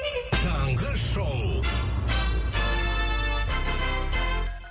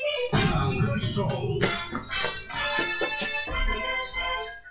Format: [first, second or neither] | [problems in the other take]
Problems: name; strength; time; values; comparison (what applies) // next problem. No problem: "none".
first | noise reduction (classical method WPE with log-MMSE)